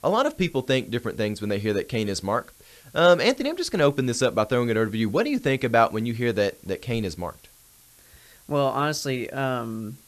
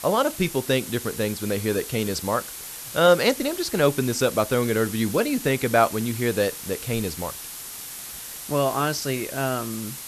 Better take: first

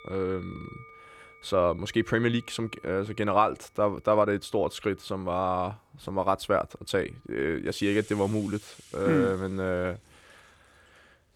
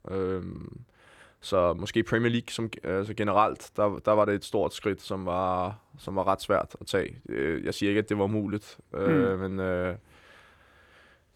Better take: second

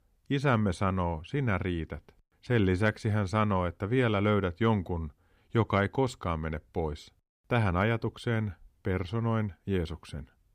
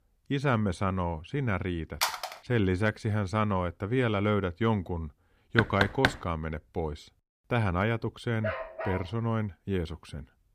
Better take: first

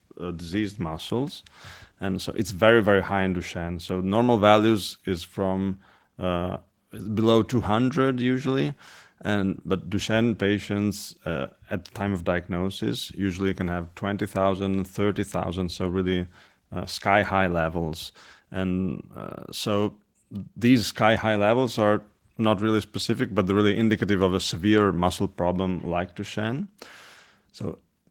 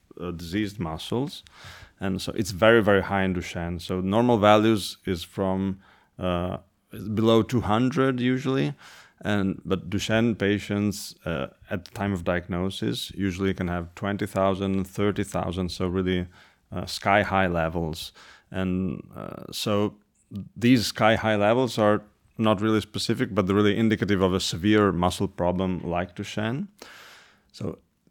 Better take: second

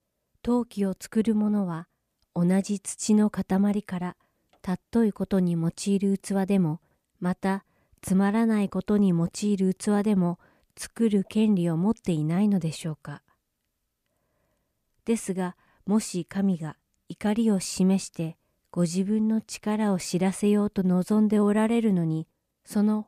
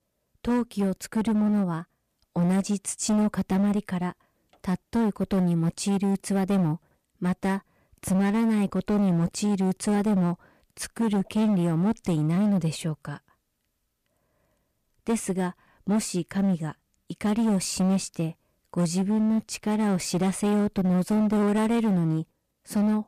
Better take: first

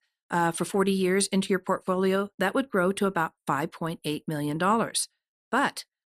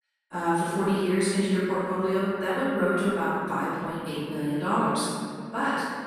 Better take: first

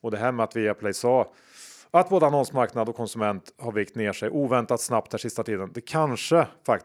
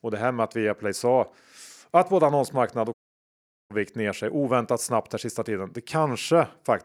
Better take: first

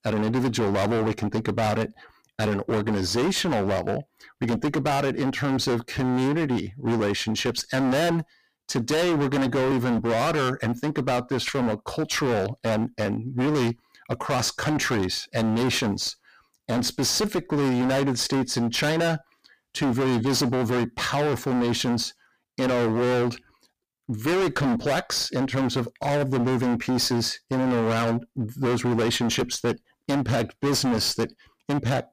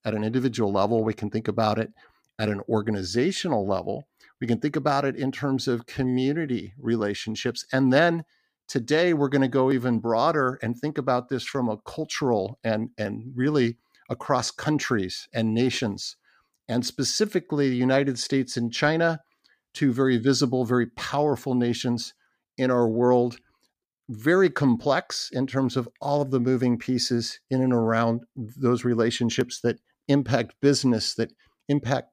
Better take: second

